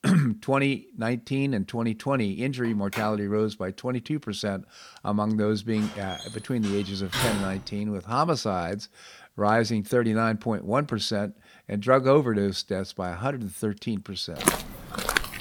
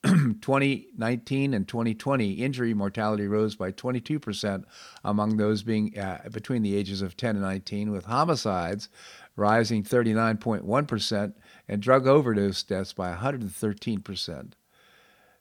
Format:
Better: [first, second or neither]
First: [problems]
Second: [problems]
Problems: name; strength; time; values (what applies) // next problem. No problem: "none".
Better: second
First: phone ringing; noticeable; at 2.5 s; peak 9 dB below the speech // door banging; noticeable; from 6 to 7.5 s; peak level with the speech // footsteps; loud; at 14 s; peak 2 dB above the speech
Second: none